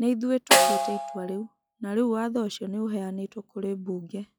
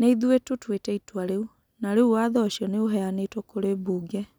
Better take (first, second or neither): second